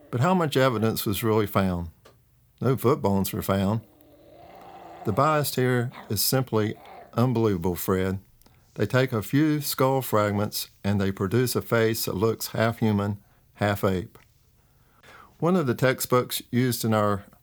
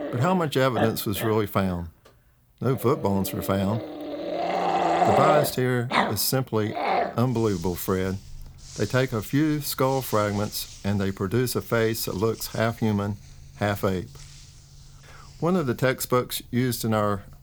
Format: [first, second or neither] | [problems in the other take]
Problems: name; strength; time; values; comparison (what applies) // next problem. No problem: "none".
first | animal sounds; loud; throughout; 3 dB below the speech; faint in the first